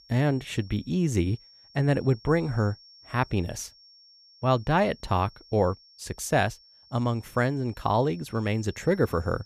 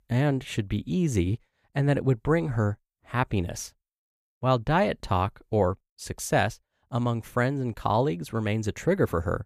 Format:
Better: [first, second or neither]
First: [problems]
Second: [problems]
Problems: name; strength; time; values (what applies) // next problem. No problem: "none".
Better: second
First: high-pitched whine; faint; throughout; 5.5 kHz, 25 dB below the speech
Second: none